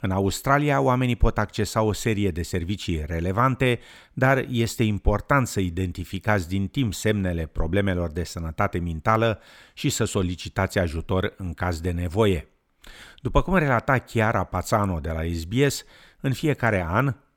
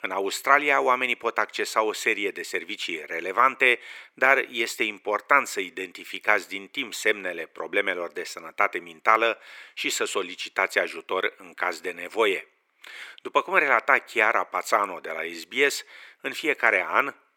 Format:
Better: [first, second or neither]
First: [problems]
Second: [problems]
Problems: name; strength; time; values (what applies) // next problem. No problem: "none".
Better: first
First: none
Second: thin; very; fading below 350 Hz